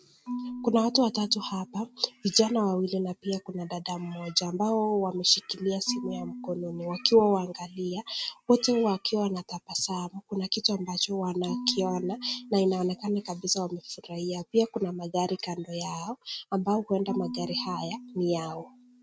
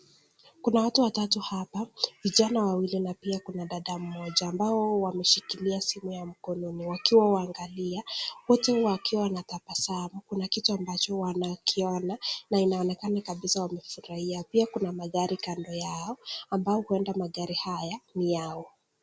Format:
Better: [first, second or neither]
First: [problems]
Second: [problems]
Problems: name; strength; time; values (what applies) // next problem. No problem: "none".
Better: second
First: noise reduction (neural mask model RNNoise)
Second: none